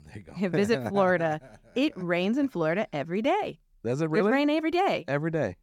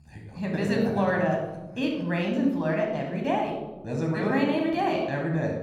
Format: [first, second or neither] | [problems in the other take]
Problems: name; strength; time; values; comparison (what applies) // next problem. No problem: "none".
first | room echo; noticeable; dies away in 1.3 s // off-mic speech; somewhat distant